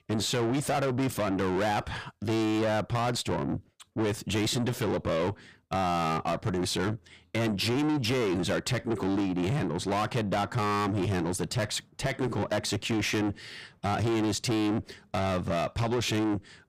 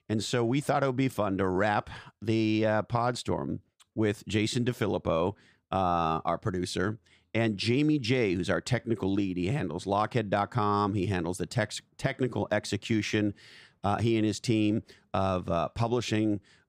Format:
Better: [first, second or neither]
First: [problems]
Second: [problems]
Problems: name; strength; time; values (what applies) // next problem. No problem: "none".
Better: second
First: distortion; heavy; 7 dB below the speech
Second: none